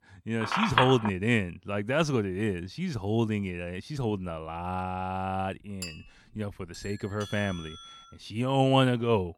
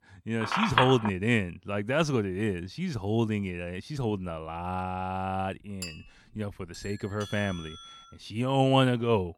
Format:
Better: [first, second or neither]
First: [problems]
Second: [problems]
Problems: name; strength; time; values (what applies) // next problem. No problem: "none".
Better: neither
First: phone ringing; loud; at 0.5 s; peak 4 dB above the speech // clattering dishes; faint; at 6 s; peak 10 dB below the speech // doorbell; faint; from 6.5 to 8 s; peak 15 dB below the speech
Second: phone ringing; loud; at 0.5 s; peak 4 dB above the speech // clattering dishes; faint; at 6 s; peak 10 dB below the speech // doorbell; faint; from 6.5 to 8 s; peak 15 dB below the speech